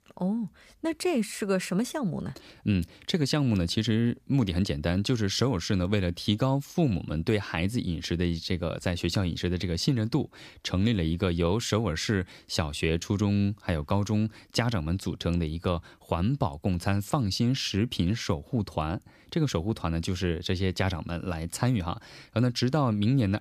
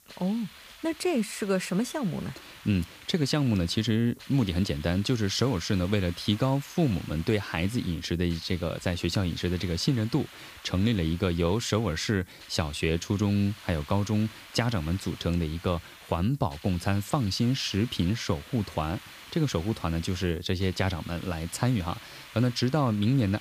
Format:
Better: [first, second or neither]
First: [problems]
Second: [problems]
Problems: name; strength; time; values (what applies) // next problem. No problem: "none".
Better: first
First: none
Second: hiss; noticeable; throughout; 20 dB below the speech